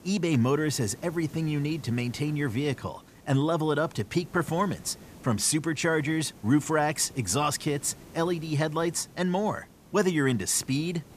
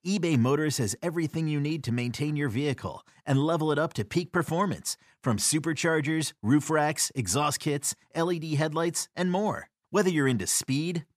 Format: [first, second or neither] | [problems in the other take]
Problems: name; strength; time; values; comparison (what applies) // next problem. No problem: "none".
second | hiss; faint; throughout; 25 dB below the speech